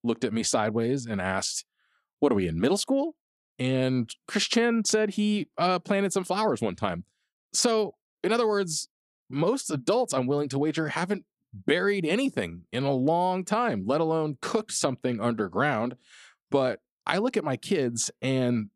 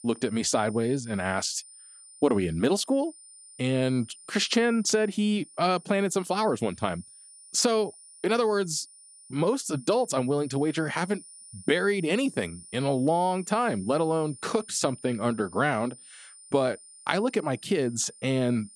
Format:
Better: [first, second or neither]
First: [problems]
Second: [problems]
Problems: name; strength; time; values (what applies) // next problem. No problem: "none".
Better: first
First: none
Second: high-pitched whine; noticeable; throughout; 9.5 kHz, 20 dB below the speech